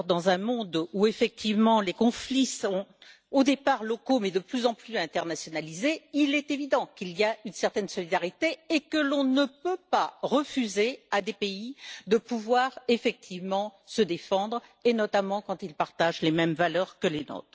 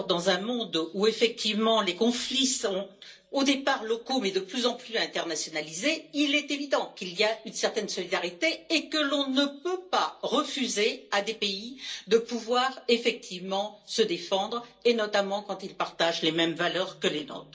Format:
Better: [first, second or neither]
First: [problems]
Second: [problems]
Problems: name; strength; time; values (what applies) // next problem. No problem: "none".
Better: first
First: none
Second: room echo; dies away in 0.2 s